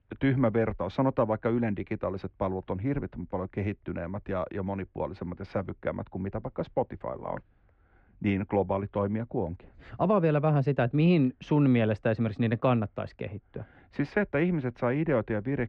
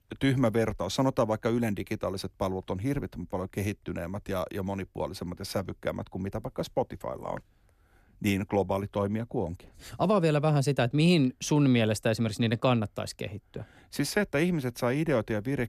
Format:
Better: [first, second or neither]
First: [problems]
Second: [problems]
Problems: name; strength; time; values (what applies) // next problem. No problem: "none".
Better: second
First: muffled; very; fading above 2.5 kHz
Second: none